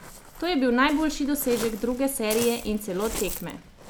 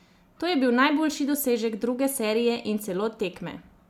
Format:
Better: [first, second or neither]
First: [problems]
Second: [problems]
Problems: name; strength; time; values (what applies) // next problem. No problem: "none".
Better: second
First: background sound (Waves, surf); 11 dB below the speech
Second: none